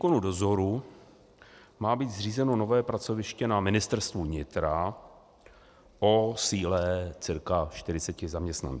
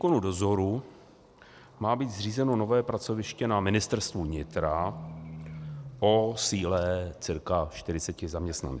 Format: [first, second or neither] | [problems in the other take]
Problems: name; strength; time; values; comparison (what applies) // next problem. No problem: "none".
first | background sound (Livestock, farm animals, working animals); 19 dB below the speech